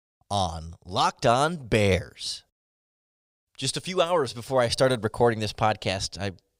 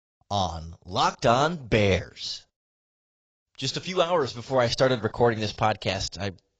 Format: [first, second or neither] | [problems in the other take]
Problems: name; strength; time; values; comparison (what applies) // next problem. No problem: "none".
first | garbled, watery; badly; nothing above 7.5 kHz